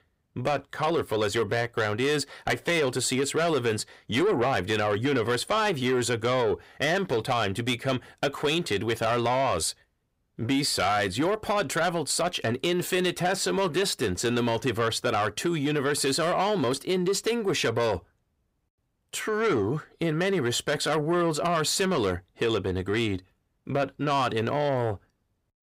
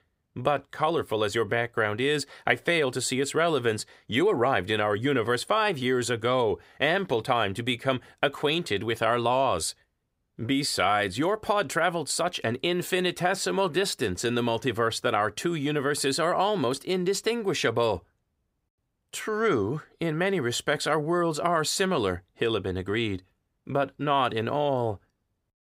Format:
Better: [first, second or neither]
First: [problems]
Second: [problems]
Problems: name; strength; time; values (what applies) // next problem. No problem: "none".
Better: second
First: distortion; slight; 10 dB below the speech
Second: none